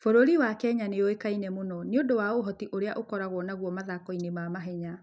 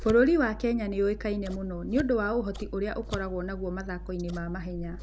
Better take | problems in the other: first | background sound (Scissors); 11 dB below the speech

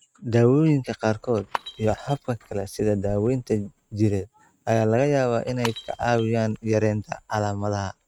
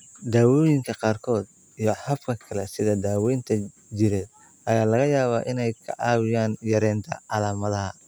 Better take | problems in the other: second | noise reduction (neural mask model RNNoise)

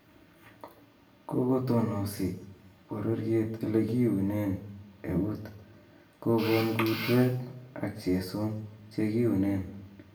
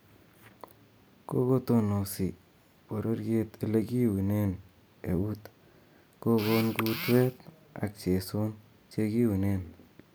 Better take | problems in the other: second | room echo; dies away in 0.6 s

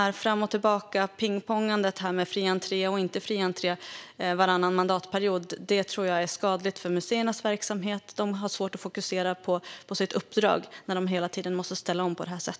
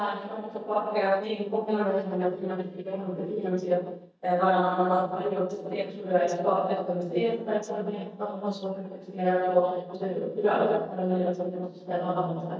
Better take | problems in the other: first | noise reduction (neural mask model DeepFilterNet 3)

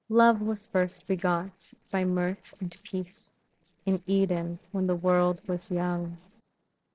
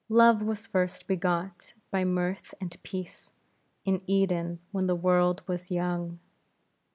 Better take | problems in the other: second | noise reduction (neural separator model SepFormer DNS4)

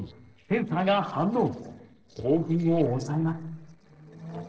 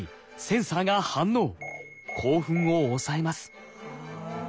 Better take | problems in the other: second | noise reduction (neural separator model SepFormer DNS4)

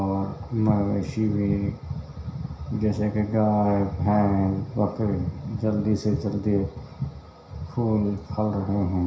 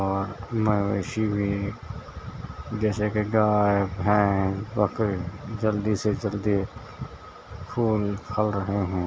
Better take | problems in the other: second | room echo; dies away in 0.5 s

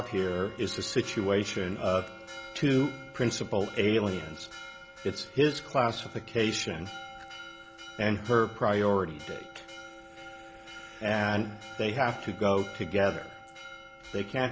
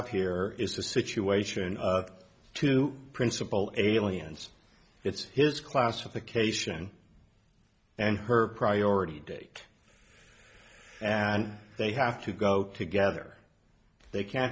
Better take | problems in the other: second | background sound (Church bell); 15 dB below the speech

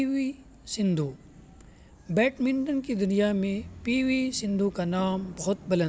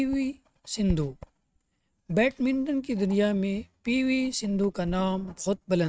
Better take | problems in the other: first | noise reduction (neural mask model RNNoise)

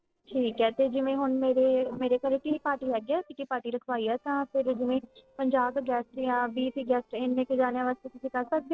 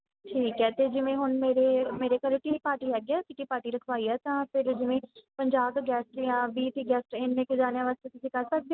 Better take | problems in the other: second | noise reduction (neural separator model SepFormer DNS4)

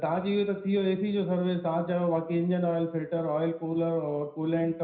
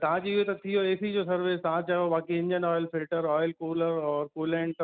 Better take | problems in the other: second | room echo; dies away in 0.5 s

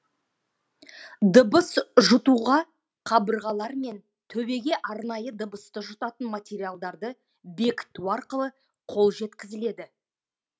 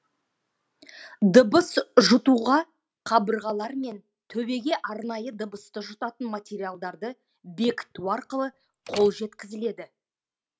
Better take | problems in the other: first | background sound (Slam); 16 dB below the speech

